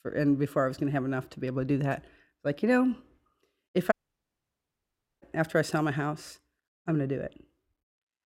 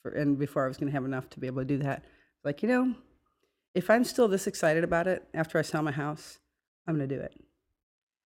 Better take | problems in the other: second | audio cutting out; at 4 s for 1.5 s

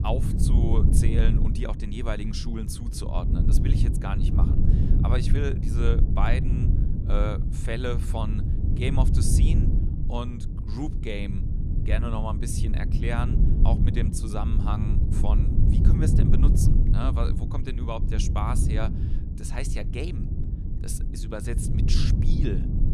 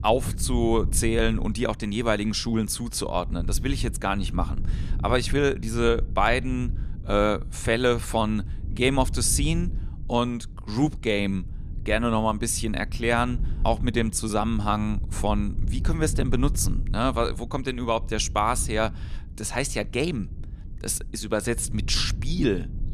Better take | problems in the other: second | low rumble; loud; throughout; 3 dB below the speech; faint in the second

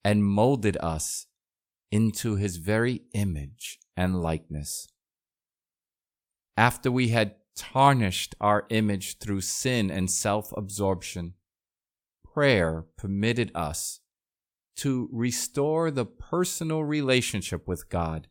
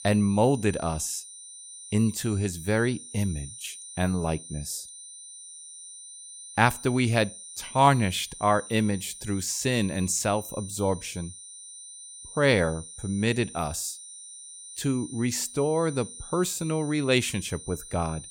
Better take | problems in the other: first | high-pitched whine; noticeable; throughout; 9 kHz, 15 dB below the speech

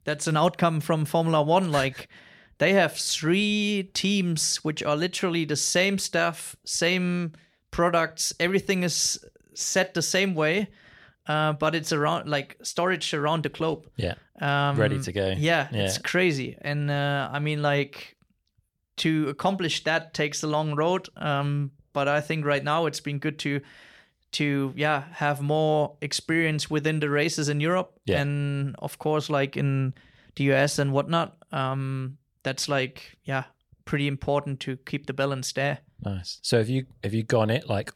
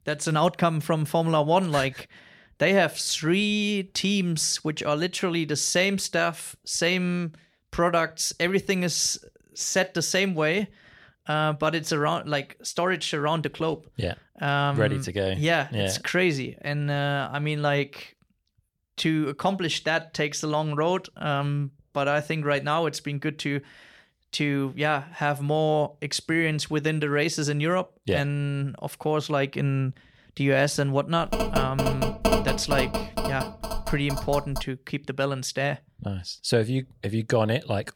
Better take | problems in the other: first | phone ringing; loud; from 31 to 35 s; peak 2 dB above the speech

